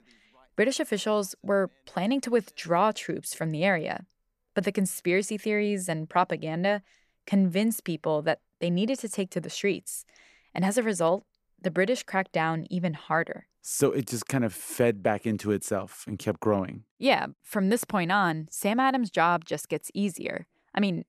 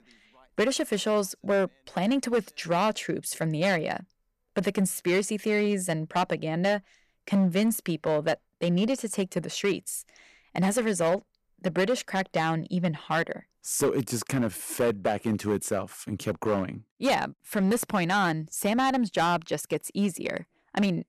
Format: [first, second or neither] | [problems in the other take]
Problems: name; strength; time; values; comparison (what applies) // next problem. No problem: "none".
first | distortion; slight; 6% of the sound clipped